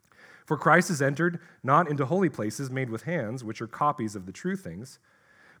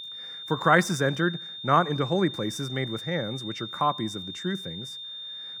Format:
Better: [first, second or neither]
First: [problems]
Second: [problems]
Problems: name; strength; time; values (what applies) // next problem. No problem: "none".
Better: first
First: none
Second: high-pitched whine; loud; throughout; 3.5 kHz, 9 dB below the speech